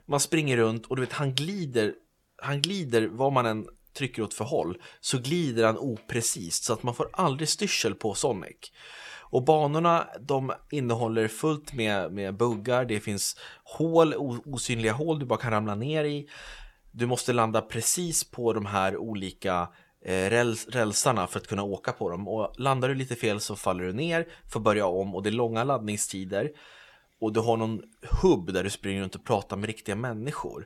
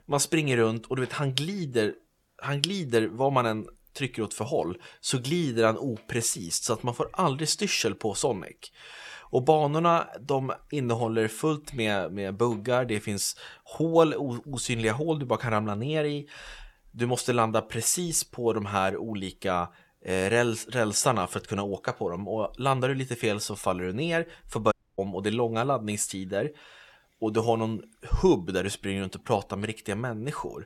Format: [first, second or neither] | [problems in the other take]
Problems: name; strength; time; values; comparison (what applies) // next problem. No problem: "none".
first | audio cutting out; at 25 s